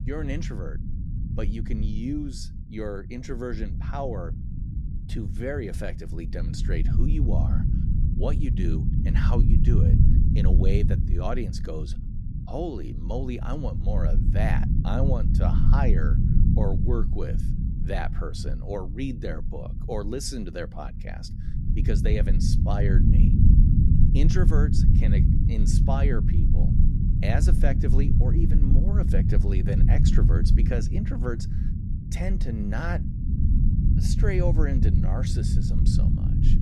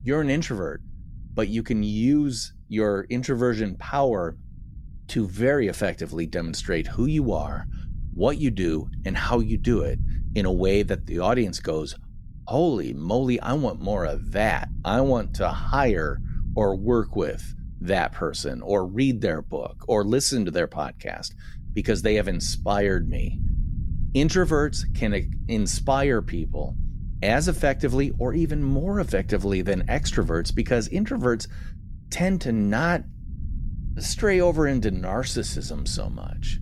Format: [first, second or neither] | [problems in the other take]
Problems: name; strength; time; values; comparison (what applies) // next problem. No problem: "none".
second | low rumble; loud; throughout; 2 dB below the speech; faint in the second